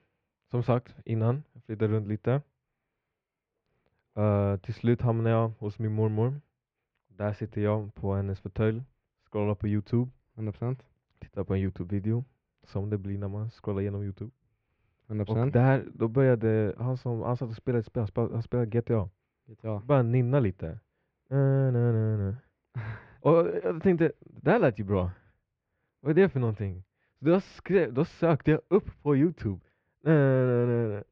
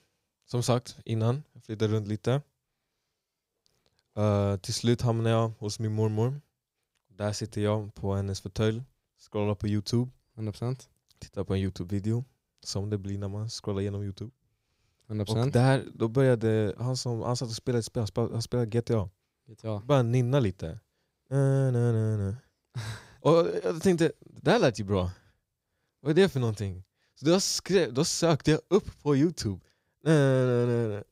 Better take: second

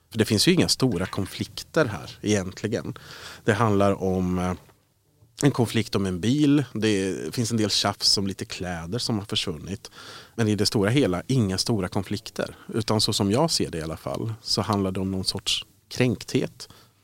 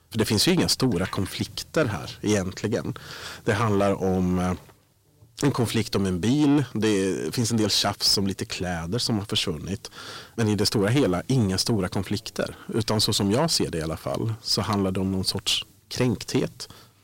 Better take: first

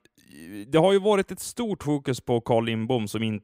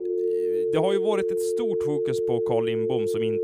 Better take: first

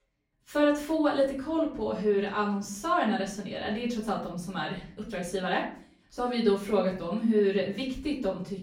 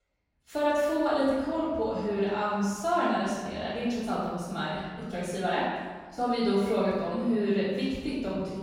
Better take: first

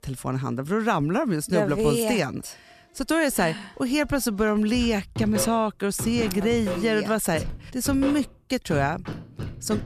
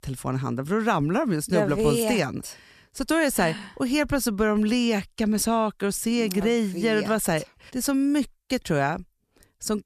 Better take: second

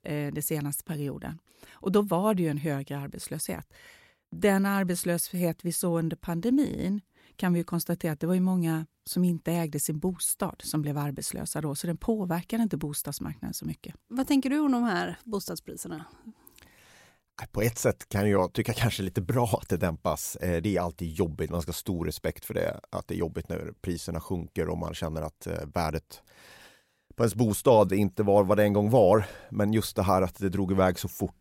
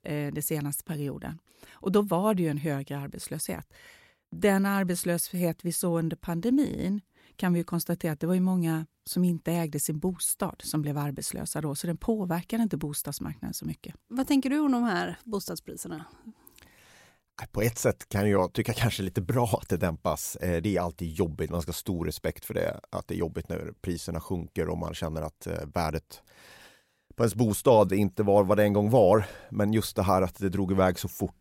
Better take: neither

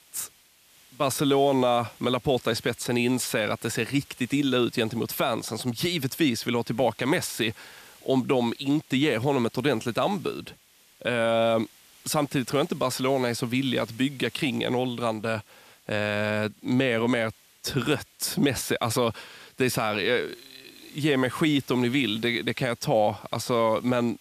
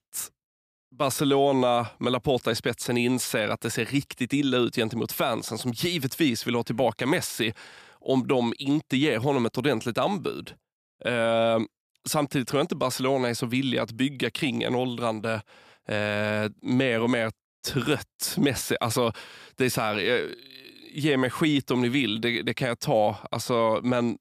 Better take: second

